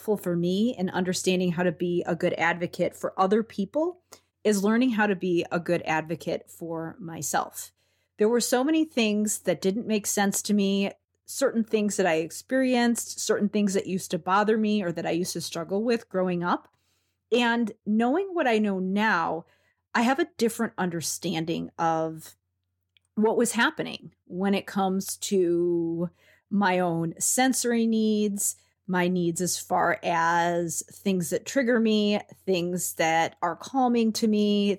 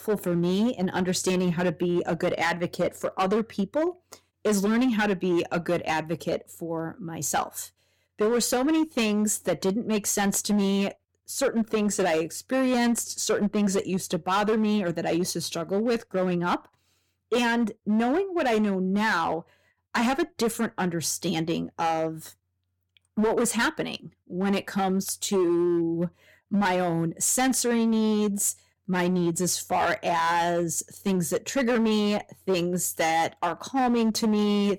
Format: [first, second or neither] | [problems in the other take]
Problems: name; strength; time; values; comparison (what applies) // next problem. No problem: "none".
first | distortion; slight; 11% of the sound clipped